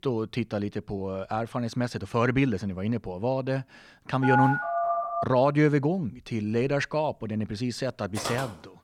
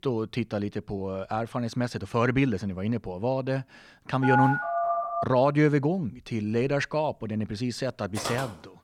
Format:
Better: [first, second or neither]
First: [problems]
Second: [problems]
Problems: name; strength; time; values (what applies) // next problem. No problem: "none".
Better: neither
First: phone ringing; loud; from 4 to 5 s; peak 3 dB above the speech // footsteps; noticeable; at 8 s; peak 6 dB below the speech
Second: phone ringing; loud; from 4 to 5 s; peak 3 dB above the speech // footsteps; noticeable; at 8 s; peak 6 dB below the speech